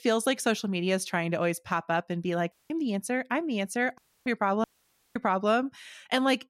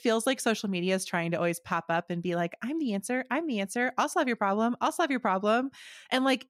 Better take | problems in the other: second | audio cutting out; at 2.5 s, at 4 s and at 4.5 s for 0.5 s

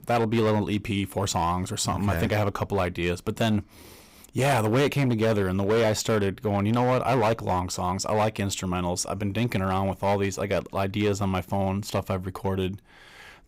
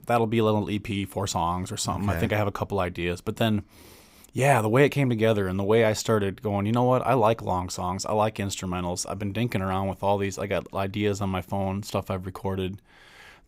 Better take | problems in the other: second | distortion; slight; 8% of the sound clipped

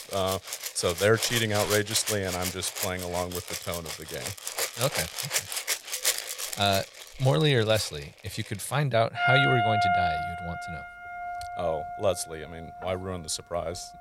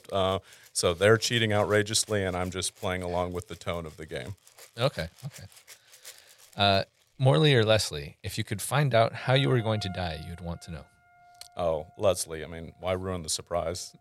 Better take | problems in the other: second | background music; loud; throughout; 2 dB below the speech; faint in the second

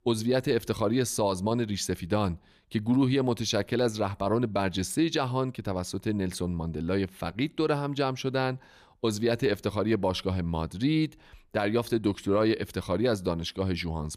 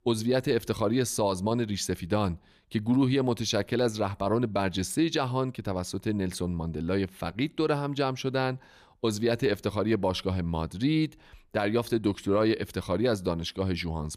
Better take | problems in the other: neither | none

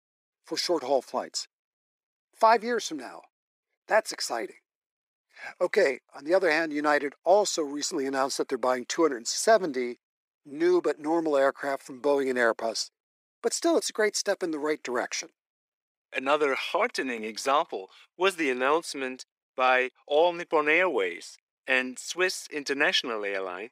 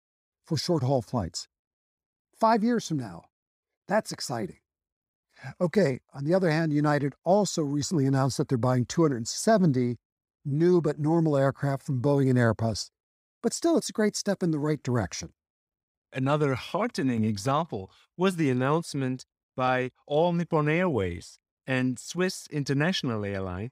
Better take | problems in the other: second | thin; somewhat; fading below 350 Hz

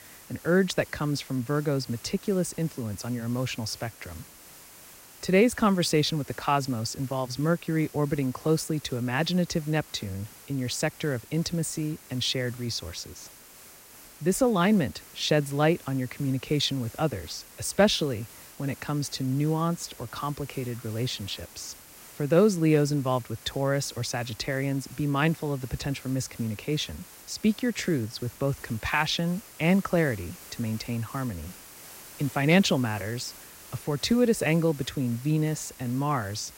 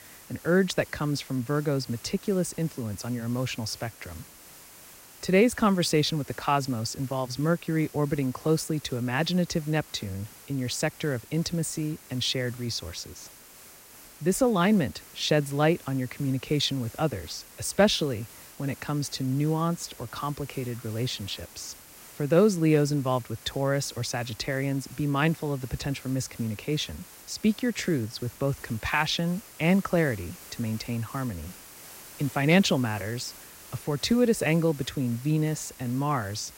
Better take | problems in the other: neither | hiss; noticeable; throughout; 20 dB below the speech; the same in both

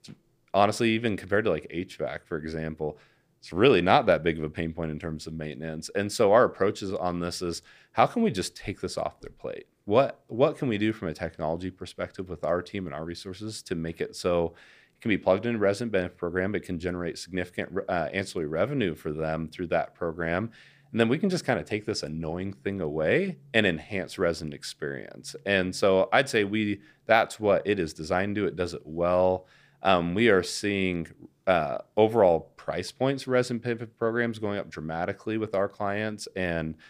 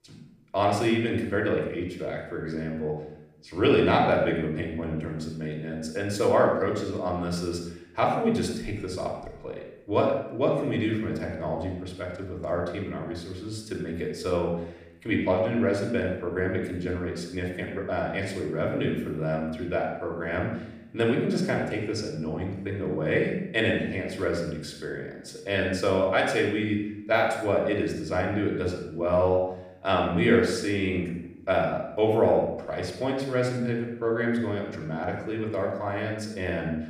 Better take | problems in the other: first | off-mic speech; somewhat distant // room echo; noticeable; dies away in 0.7 s

